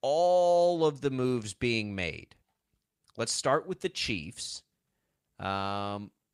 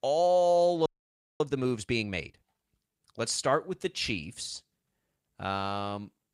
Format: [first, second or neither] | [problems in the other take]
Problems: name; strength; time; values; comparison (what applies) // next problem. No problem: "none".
first | audio freezing; at 1 s for 0.5 s